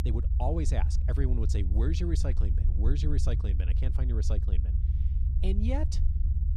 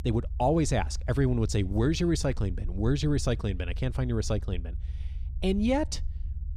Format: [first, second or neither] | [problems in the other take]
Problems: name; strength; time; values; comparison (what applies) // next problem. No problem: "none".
second | low rumble; loud; throughout; 7 dB below the speech; faint in the second